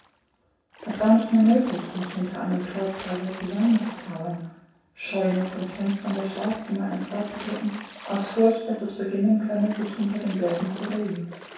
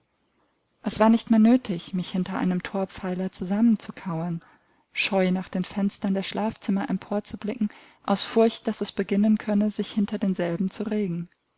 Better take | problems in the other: second | background sound (Splash, splatter); 17 dB below the speech // room echo; dies away in 0.7 s

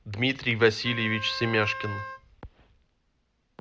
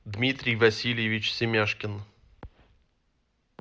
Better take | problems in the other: second | background sound (Wind instrument, woodwind instrument); 9 dB below the speech

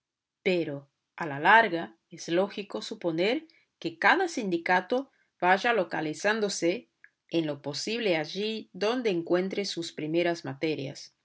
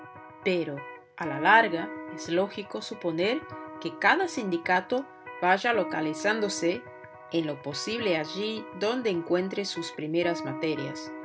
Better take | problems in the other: first | background sound (Electric guitar); 12 dB below the speech

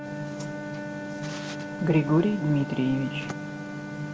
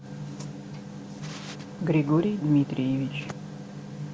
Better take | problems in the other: second | background sound (Wind instrument, woodwind instrument); 9 dB below the speech // room echo; dies away in 0.6 s

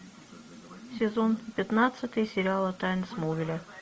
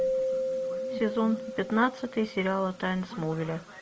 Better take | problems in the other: first | background sound (Keyboard (musical)); 4 dB below the speech

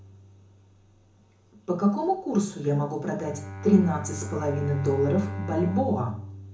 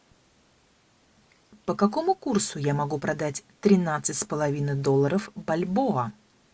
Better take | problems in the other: second | background sound (Bowed string instrument); 10 dB below the speech // room echo; dies away in 0.5 s

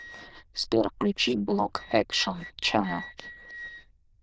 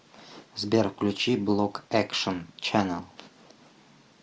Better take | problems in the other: second | noise reduction (neural diffusion model UNIVERSE++)

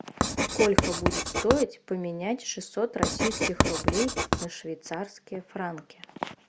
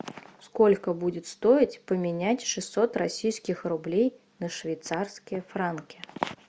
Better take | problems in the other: second | background sound (Writing); 2 dB above the speech

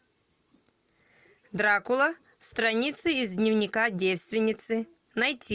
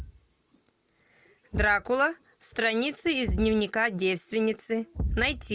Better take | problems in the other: first | background sound (Thump, thud); 8 dB below the speech

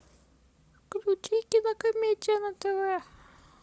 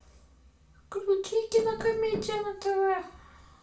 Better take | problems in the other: first | background sound (Tap); 11 dB below the speech // room echo; dies away in 0.3 s

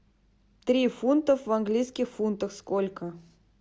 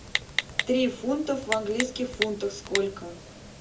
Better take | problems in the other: first | background sound (Typing); 5 dB below the speech // room echo; dies away in 0.2 s

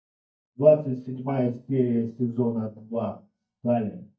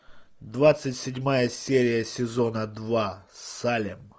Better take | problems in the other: second | noise reduction (neural mask model DeepFilterNet 3)

